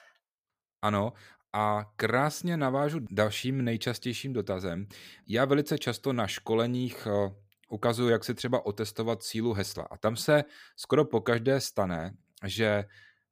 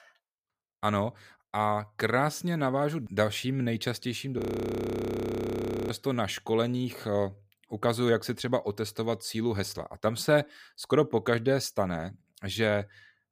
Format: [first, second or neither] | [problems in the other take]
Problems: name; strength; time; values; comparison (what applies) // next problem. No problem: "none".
first | audio freezing; at 4.5 s for 1.5 s